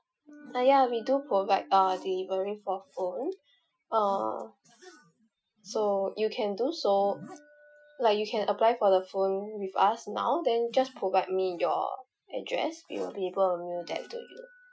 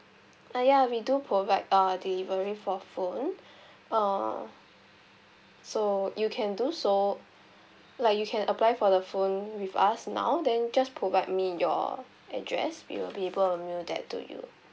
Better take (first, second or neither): second